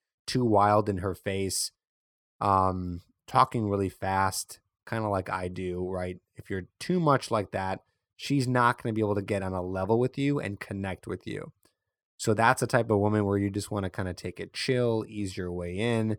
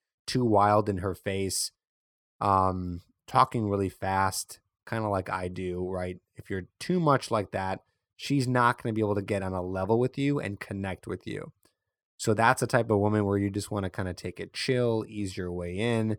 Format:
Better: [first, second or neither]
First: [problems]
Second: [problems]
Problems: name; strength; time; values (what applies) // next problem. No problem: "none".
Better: neither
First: none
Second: none